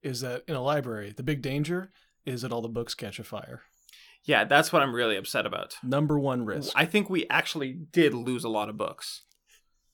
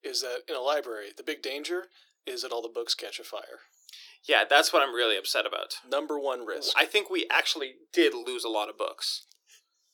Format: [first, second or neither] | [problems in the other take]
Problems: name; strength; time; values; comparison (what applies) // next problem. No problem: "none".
first | thin; very; fading below 350 Hz